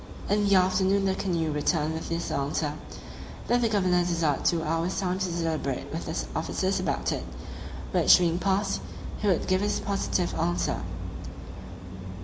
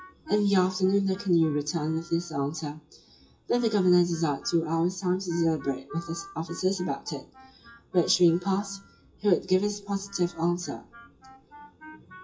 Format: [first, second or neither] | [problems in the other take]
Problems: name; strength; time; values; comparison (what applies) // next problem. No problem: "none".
first | noise reduction (classical method WPE with log-MMSE)